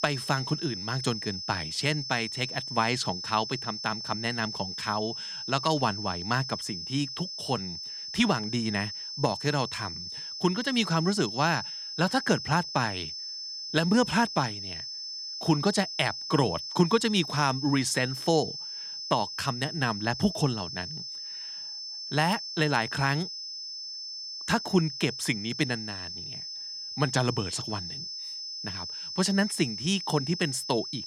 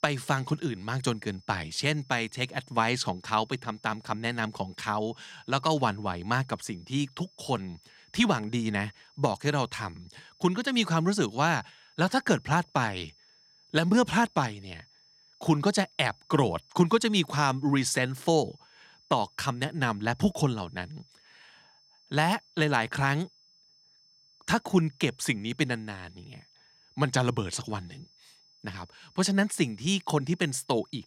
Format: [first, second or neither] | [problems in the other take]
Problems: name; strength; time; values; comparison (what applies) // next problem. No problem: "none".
second | high-pitched whine; loud; throughout; 5.5 kHz, 6 dB below the speech; faint in the second